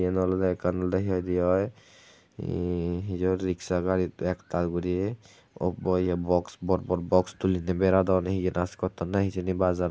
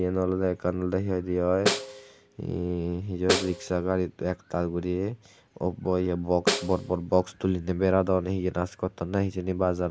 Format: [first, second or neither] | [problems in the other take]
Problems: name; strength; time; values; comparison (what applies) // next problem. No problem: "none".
first | background sound (Snare drum); 5 dB below the speech